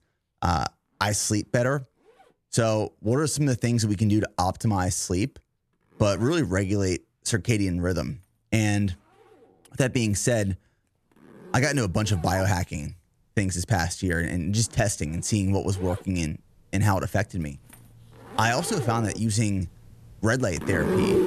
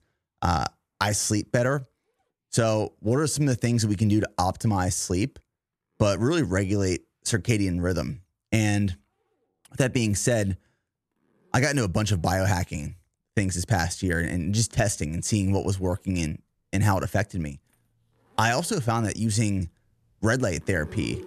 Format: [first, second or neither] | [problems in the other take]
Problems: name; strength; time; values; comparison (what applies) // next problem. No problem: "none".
second | household noises; loud; throughout; 10 dB below the speech; faint in the second